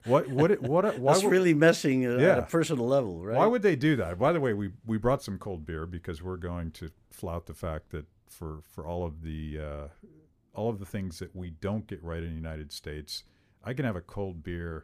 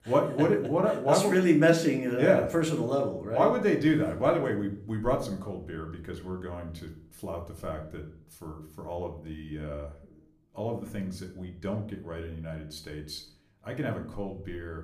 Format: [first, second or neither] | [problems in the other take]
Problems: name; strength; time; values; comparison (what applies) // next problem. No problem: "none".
first | room echo; slight; dies away in 0.5 s // off-mic speech; somewhat distant